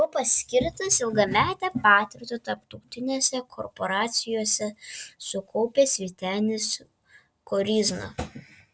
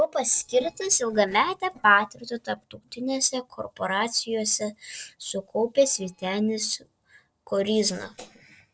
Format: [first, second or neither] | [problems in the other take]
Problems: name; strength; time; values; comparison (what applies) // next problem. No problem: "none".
first | noise reduction (neural separator model SepFormer DNS4)